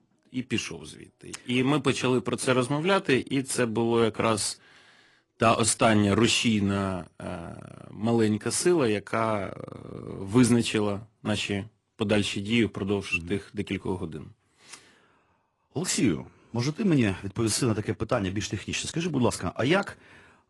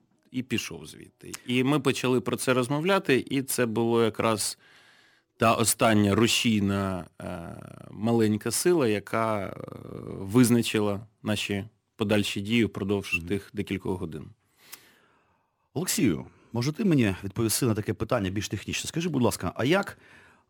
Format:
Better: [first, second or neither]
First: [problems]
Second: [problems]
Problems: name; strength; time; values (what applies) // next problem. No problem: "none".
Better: second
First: garbled, watery; slightly; nothing above 10.5 kHz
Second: none